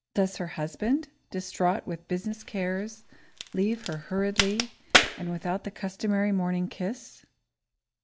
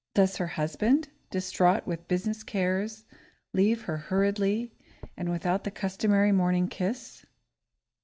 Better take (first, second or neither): second